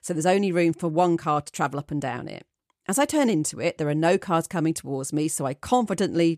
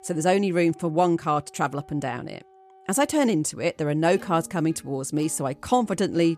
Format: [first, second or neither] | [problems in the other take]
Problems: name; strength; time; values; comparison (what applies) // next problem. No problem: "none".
first | background music; faint; throughout; 25 dB below the speech